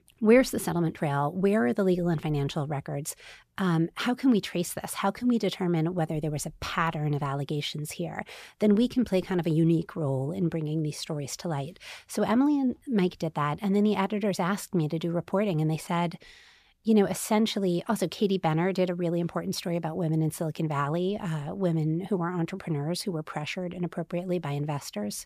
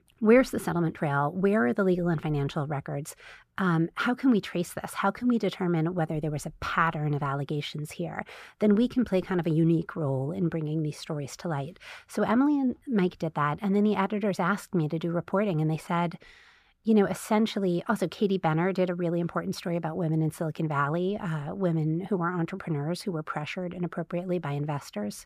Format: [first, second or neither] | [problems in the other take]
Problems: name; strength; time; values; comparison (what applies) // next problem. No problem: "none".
first | muffled; very slightly; fading above 3 kHz